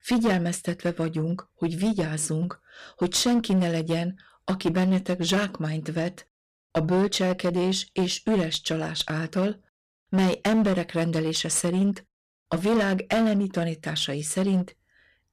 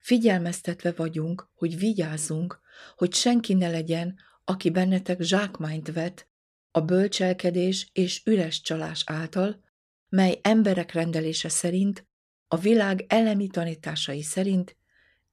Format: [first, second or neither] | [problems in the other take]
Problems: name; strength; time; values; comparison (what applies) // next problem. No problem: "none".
second | distortion; slight; 9% of the sound clipped